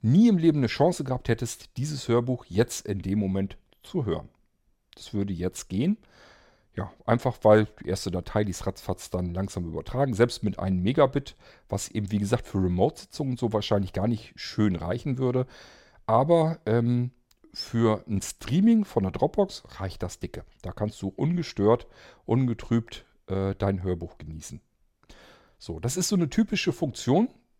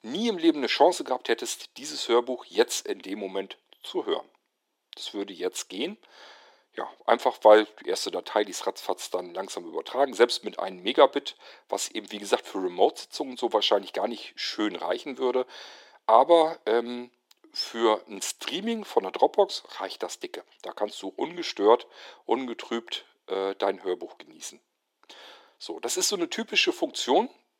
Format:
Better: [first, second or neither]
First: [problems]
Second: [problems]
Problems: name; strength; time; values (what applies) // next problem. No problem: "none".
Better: first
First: none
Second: thin; very; fading below 300 Hz